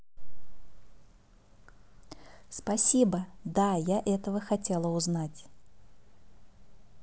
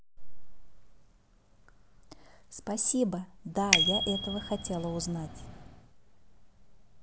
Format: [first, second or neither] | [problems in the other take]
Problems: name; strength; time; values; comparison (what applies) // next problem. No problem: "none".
first | background sound (Bicycle bell); 2 dB above the speech